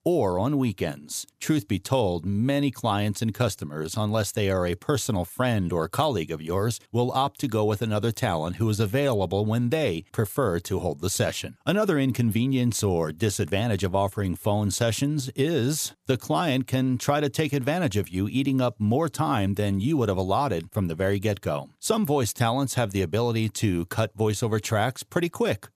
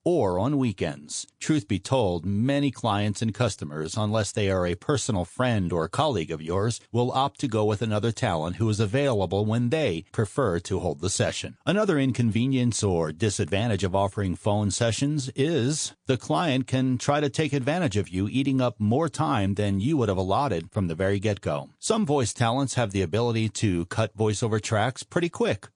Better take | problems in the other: first | garbled, watery; slightly; nothing above 8.5 kHz

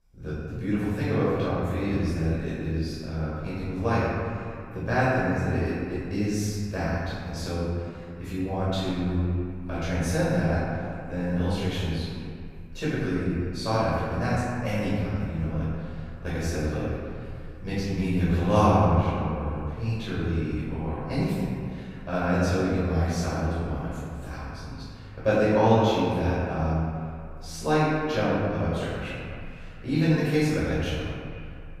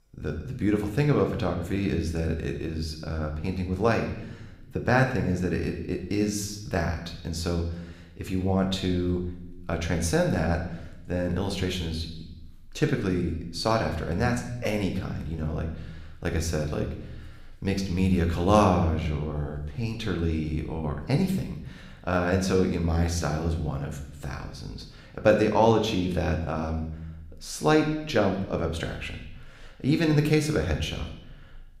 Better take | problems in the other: second | room echo; strong; dies away in 2.2 s; slight in the second // off-mic speech; far

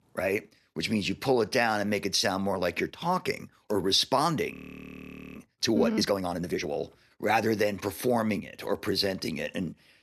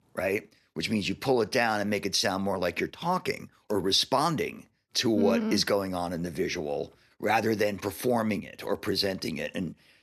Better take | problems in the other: second | audio freezing; at 4.5 s for 1 s

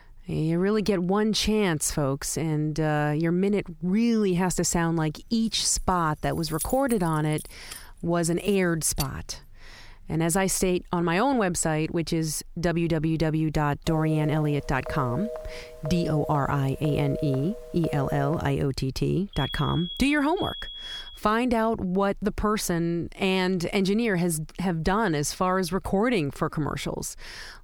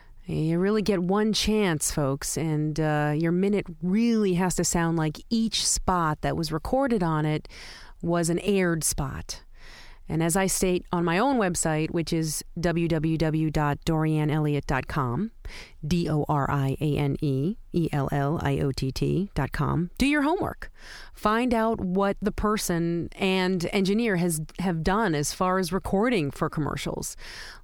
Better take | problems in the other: second | jangling keys; noticeable; from 6 to 9 s; peak 7 dB below the speech // phone ringing; noticeable; from 14 to 19 s; peak 8 dB below the speech // alarm; noticeable; from 19 to 21 s; peak 8 dB below the speech

